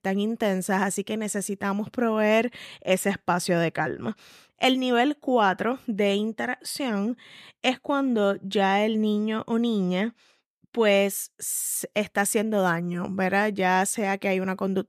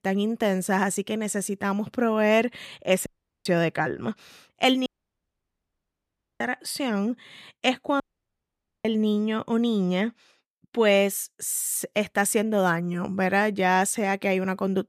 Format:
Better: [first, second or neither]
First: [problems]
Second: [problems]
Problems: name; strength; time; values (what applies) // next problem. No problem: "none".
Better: first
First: none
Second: audio cutting out; at 3 s, at 5 s for 1.5 s and at 8 s for 1 s